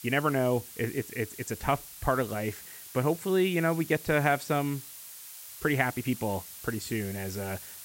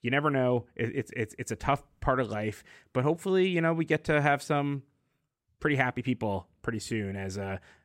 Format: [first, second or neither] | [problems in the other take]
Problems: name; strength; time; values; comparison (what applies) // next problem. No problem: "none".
second | hiss; noticeable; throughout; 15 dB below the speech